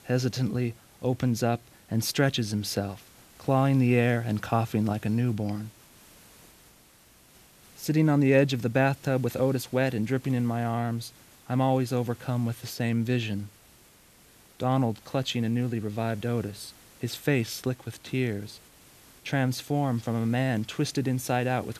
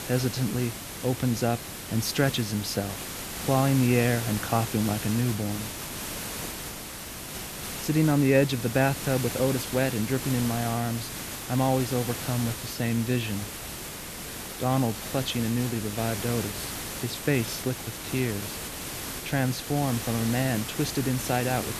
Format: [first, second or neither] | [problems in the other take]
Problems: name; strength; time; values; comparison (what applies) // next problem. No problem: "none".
first | hiss; loud; throughout; 7 dB below the speech; faint in the first